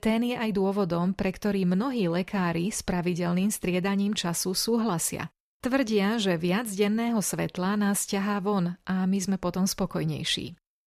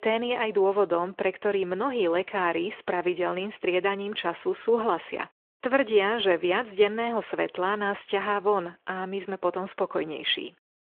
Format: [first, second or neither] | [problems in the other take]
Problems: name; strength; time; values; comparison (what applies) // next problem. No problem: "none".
first | phone-call audio; nothing above 3.5 kHz